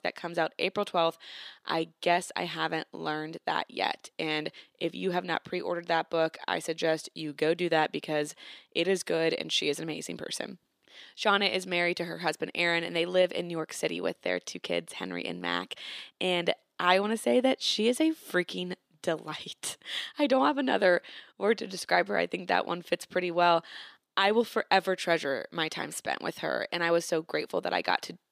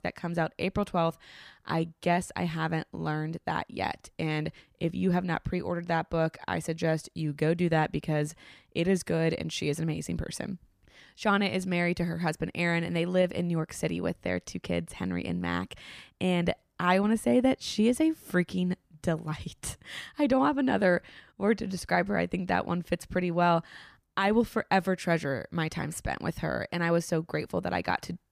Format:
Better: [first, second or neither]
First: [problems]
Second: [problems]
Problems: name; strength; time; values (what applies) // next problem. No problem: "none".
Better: second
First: thin; somewhat; fading below 350 Hz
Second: none